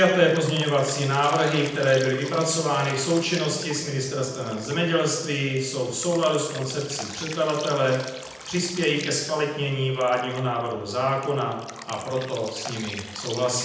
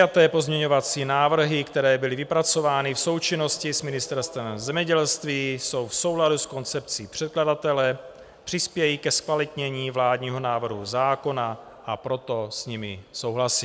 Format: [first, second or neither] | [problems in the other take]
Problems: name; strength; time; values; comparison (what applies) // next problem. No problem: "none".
second | background sound (Drip); 16 dB below the speech // room echo; dies away in 0.9 s